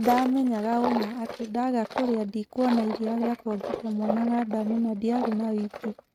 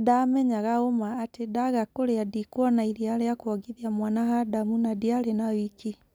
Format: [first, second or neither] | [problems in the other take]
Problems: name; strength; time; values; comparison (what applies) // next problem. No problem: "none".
second | noise reduction (neural mask model RNNoise)